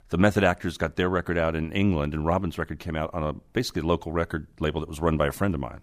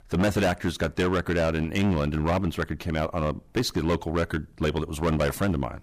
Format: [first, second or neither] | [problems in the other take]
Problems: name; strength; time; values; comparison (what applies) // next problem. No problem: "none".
first | distortion; heavy; 12% of the sound clipped